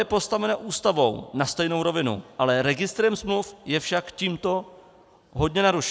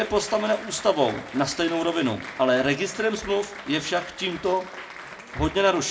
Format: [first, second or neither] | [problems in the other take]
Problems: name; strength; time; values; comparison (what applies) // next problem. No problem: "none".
first | background sound (Applause); 15 dB below the speech // room echo; dies away in 0.4 s